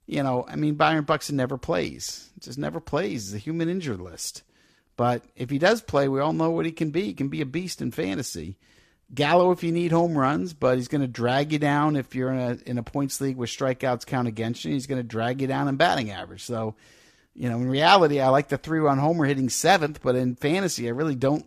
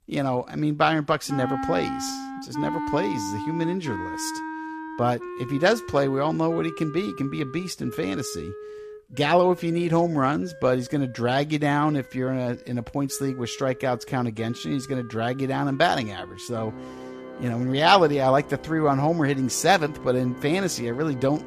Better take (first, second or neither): first